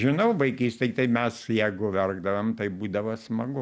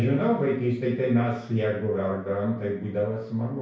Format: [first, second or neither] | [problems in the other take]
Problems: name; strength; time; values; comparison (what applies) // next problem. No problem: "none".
first | room echo; dies away in 0.6 s